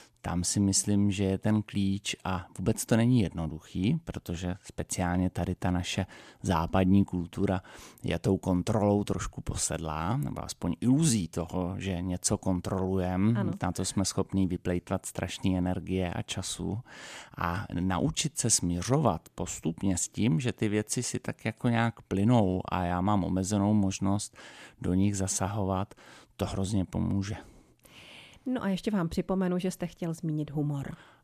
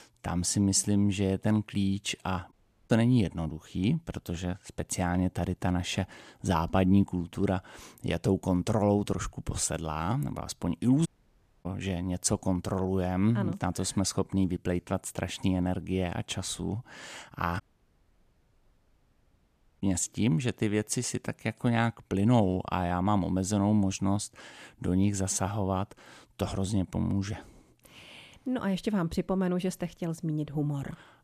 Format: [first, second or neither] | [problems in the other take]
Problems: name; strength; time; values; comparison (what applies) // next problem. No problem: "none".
first | audio cutting out; at 2.5 s, at 11 s for 0.5 s and at 18 s for 2 s